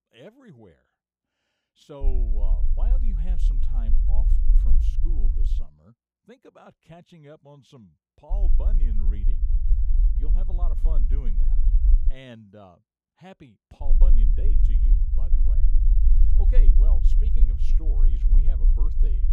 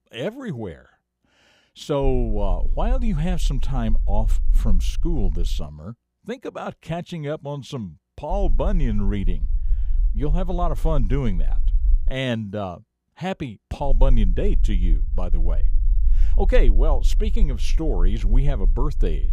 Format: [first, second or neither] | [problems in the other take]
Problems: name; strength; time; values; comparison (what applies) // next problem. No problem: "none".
second | low rumble; loud; from 2 to 5.5 s, from 8.5 to 12 s and from 14 s on; 1 dB below the speech; faint in the second